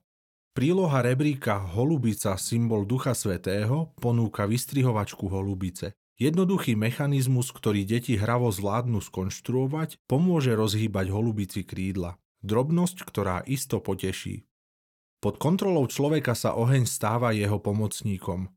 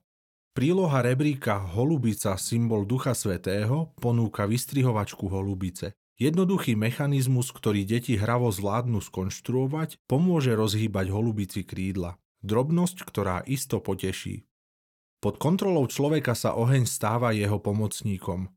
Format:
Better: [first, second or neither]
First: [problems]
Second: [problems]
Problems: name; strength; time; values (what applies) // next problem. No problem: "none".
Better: neither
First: none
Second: none